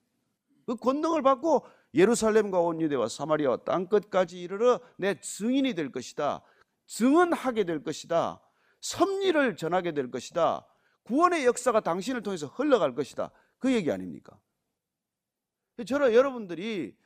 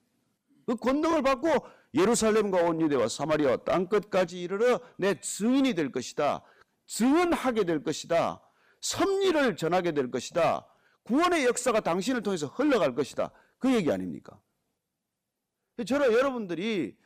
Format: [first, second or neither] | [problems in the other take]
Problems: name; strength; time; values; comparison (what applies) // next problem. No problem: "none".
first | distortion; heavy; 10% of the sound clipped